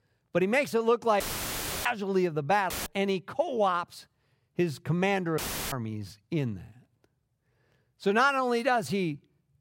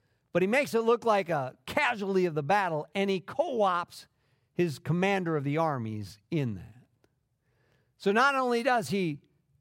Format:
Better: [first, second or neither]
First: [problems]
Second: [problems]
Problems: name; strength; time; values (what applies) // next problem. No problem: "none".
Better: second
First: audio cutting out; filled with static; at 1 s for 0.5 s, at 2.5 s and at 5.5 s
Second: none